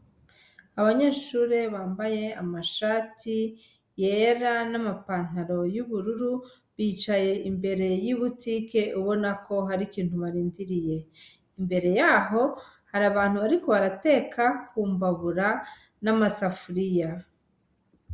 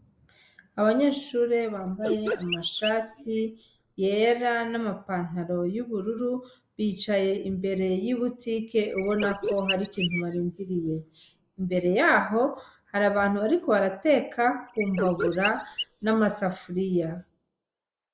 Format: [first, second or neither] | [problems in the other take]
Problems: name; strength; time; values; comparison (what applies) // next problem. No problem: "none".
first | noise reduction (neural mask model Resemble Enhance denoiser)